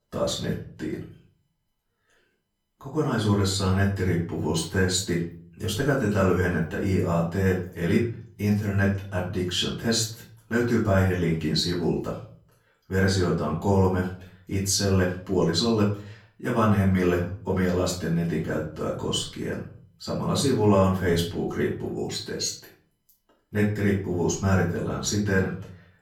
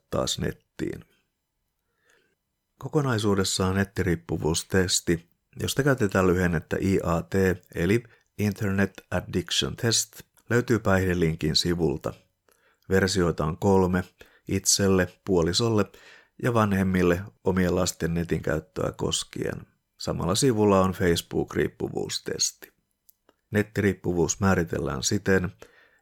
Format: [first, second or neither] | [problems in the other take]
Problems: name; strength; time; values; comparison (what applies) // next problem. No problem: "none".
second | off-mic speech; far // room echo; slight; dies away in 0.4 s